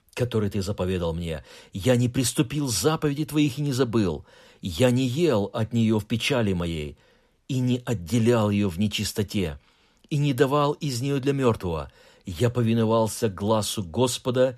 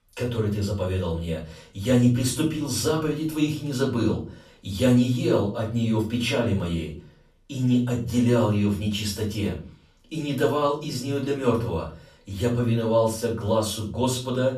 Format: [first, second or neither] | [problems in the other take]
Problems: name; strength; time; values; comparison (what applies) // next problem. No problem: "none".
first | room echo; slight; dies away in 0.3 s // off-mic speech; far